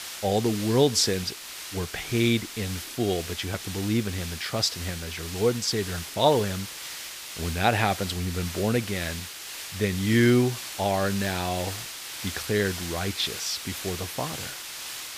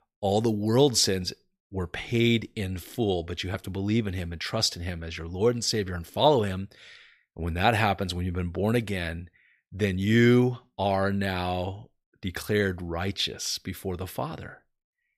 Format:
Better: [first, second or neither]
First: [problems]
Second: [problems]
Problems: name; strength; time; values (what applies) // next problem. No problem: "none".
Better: second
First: hiss; loud; throughout; 8 dB below the speech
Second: none